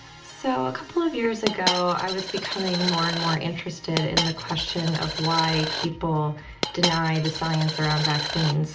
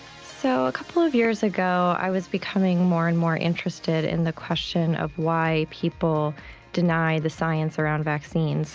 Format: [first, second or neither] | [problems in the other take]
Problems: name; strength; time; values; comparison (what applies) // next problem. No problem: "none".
second | background sound (Coin (dropping)); 3 dB below the speech // room echo; dies away in 0.4 s